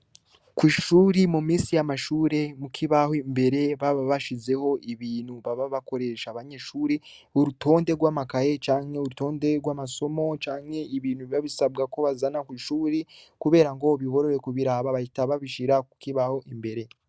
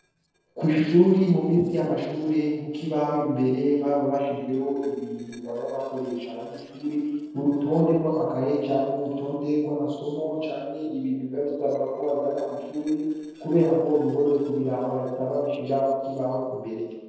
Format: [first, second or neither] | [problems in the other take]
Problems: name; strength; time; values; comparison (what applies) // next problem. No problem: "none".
first | noise reduction (neural separator model SepFormer DNS4)